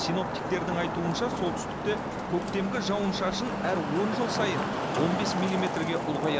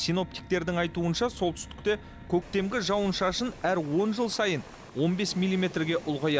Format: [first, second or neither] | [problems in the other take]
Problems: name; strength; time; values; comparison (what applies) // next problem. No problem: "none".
second | background sound (Traffic noise, roadway noise); as loud as the speech